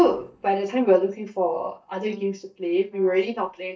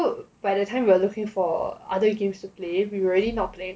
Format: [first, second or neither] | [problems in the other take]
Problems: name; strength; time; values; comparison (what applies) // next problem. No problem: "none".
second | noise reduction (neural mask model DeepFilterNet 3)